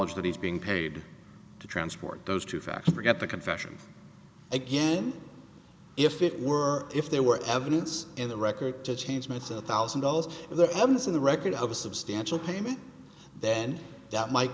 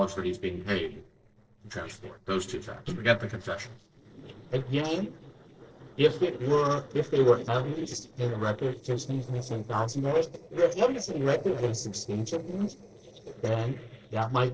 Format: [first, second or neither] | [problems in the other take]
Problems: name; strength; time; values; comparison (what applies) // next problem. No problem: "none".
first | noise reduction (neural separator model SepFormer DNS4)